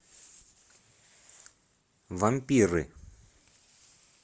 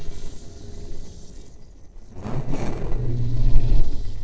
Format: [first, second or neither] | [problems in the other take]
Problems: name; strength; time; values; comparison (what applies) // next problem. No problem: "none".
first | noise reduction (neural separator model SepFormer DNS4)